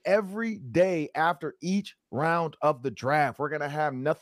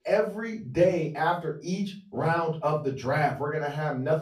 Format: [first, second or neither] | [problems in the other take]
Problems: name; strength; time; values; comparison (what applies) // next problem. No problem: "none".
first | off-mic speech; far // room echo; very slight; dies away in 0.3 s